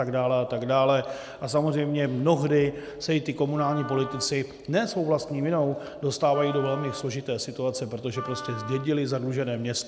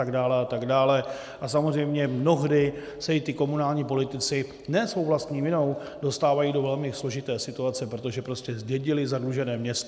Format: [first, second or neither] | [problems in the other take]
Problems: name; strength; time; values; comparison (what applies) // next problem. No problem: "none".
second | background sound (Wind instrument, woodwind instrument); 14 dB below the speech